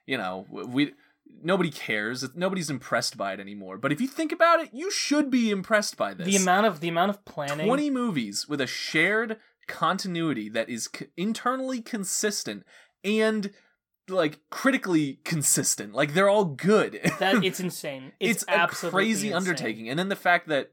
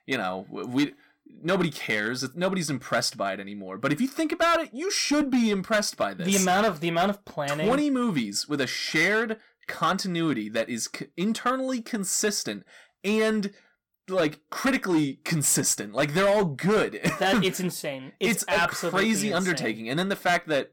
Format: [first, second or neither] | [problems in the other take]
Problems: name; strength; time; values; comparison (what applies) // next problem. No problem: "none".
first | distortion; slight; 6% of the sound clipped